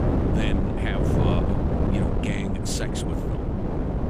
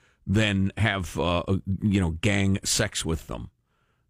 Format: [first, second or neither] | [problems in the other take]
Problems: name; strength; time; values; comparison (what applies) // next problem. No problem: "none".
second | wind noise on the microphone; heavy; 4 dB above the speech